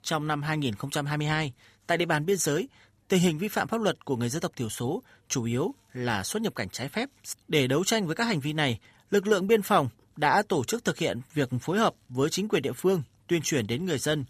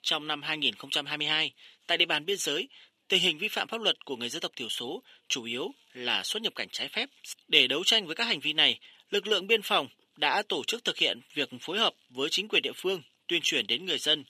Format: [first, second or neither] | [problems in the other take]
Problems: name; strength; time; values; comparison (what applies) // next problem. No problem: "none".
first | thin; very slightly; fading below 350 Hz